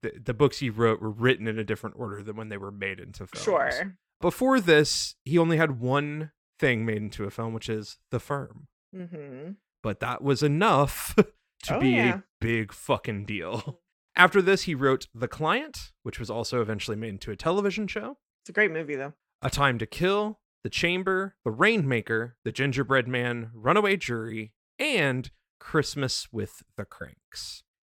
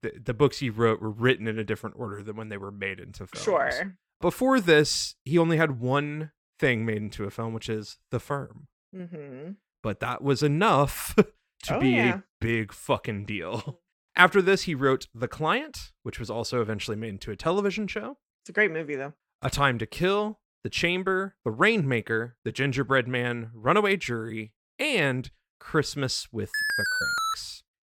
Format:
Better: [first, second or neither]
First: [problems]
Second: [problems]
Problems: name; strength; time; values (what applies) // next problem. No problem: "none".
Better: first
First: none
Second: alarm; loud; at 27 s; peak 1 dB above the speech